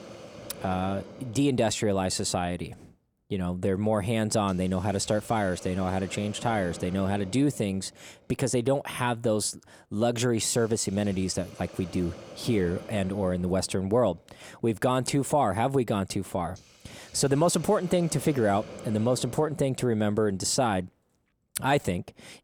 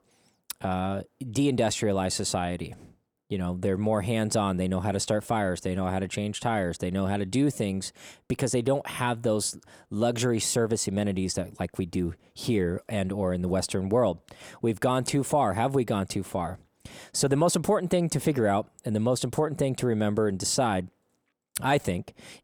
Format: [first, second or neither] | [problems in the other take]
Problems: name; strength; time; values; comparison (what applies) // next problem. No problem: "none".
second | hiss; noticeable; throughout; 20 dB below the speech